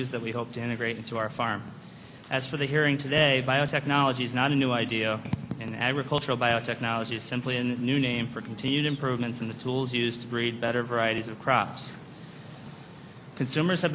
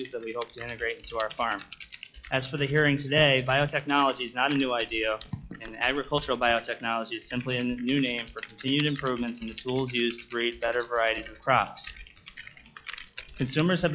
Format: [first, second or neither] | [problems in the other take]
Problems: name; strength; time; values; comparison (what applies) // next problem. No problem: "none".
first | noise reduction (classical method log-MMSE)